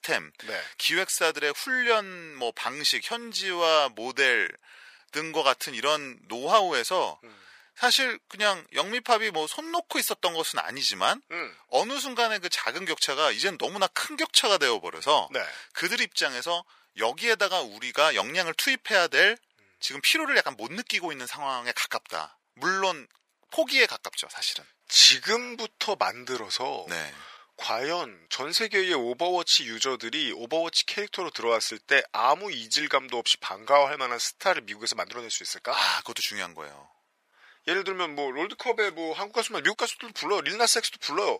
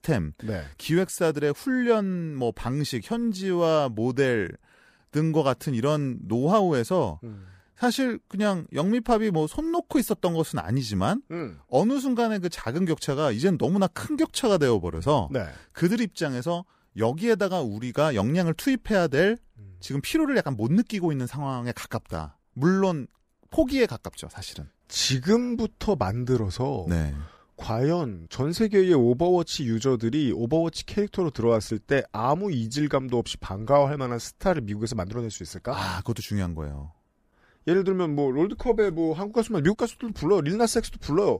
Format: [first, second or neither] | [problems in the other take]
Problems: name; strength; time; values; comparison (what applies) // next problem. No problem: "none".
second | thin; very; fading below 800 Hz